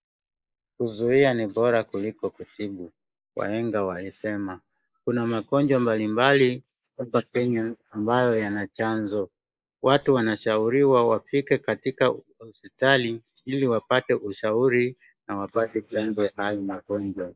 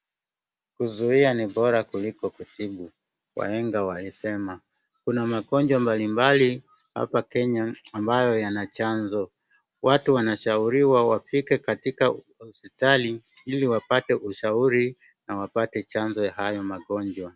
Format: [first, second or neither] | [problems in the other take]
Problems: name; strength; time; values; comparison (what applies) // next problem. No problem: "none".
second | noise reduction (neural mask model Resemble Enhance denoiser)